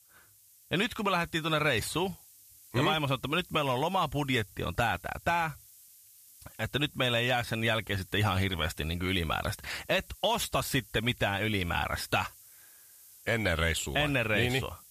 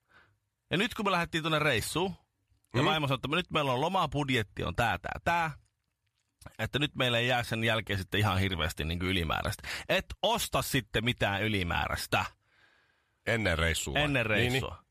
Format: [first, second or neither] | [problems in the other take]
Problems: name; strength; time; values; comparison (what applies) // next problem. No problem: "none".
second | hiss; faint; throughout; 25 dB below the speech